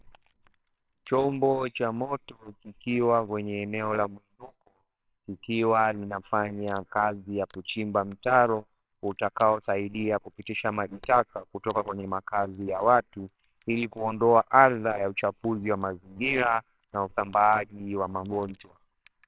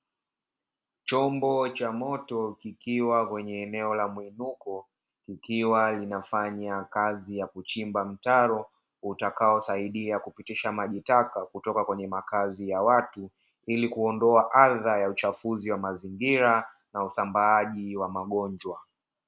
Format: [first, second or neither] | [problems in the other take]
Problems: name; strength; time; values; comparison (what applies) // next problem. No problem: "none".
second | noise reduction (neural separator model SepFormer WHAMR!)